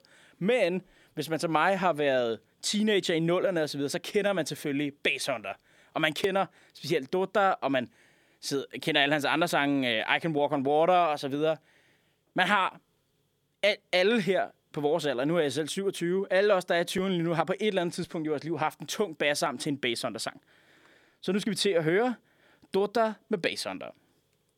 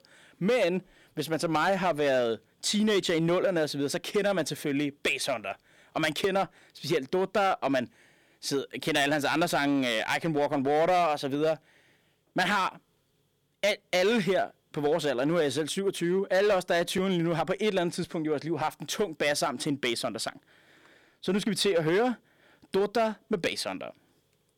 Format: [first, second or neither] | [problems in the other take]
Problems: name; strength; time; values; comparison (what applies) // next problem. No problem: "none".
first | distortion; slight; 5% of the sound clipped